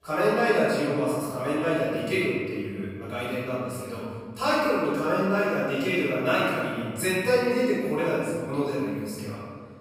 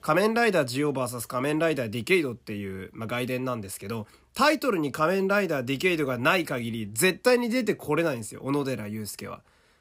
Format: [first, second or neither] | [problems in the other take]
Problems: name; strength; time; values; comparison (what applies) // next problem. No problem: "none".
second | off-mic speech; far // room echo; strong; dies away in 1.7 s